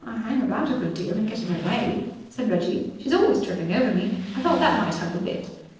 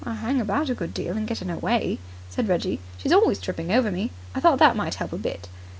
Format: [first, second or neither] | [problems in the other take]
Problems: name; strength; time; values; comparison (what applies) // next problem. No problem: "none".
second | noise reduction (neural separator model SepFormer DNS4)